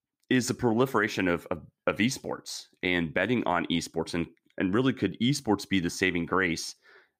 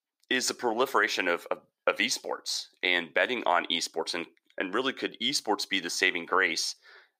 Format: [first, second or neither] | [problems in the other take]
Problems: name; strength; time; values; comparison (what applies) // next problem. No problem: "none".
first | thin; somewhat; fading below 550 Hz